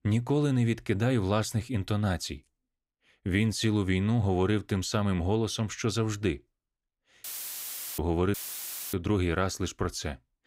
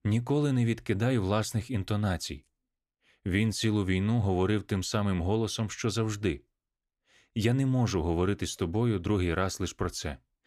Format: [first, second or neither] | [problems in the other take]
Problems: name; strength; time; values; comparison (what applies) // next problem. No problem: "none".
second | audio cutting out; filled with static; at 7 s for 0.5 s and at 8.5 s for 0.5 s